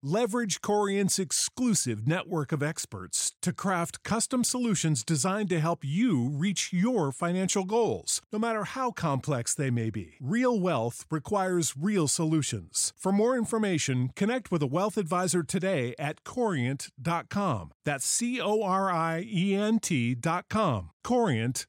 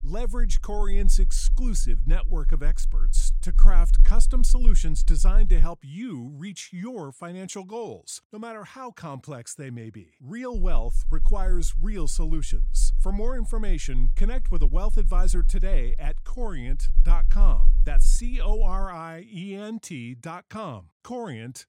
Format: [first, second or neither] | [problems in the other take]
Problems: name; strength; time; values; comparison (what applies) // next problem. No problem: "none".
first | low rumble; noticeable; until 5.5 s and from 11 to 19 s; 20 dB below the speech